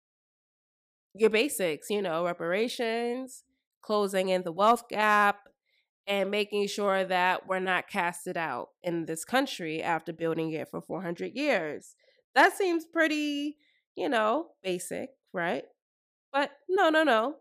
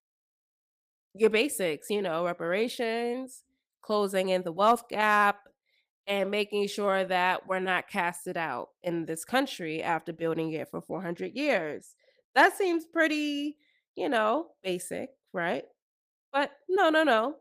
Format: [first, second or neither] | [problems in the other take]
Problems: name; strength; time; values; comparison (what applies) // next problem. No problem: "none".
first | garbled, watery; slightly; nothing above 15 kHz